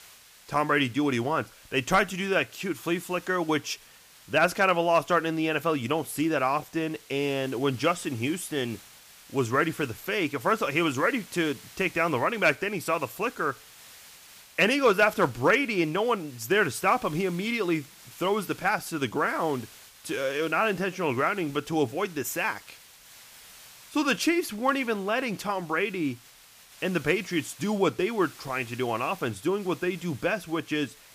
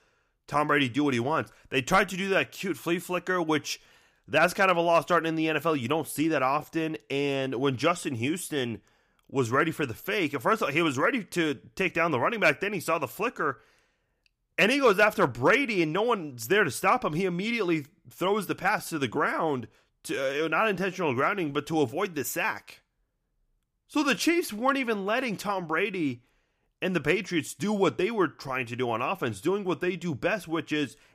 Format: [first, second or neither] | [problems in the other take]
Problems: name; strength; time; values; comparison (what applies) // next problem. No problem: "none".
second | hiss; faint; throughout; 20 dB below the speech